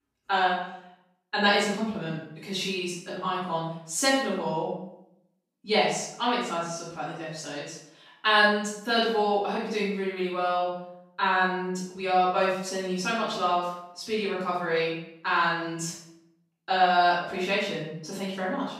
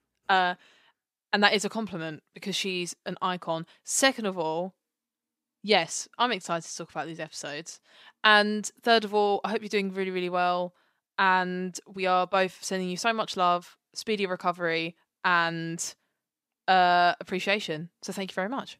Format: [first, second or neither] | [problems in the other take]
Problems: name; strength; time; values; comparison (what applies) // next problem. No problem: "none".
second | room echo; noticeable; dies away in 0.6 s // off-mic speech; far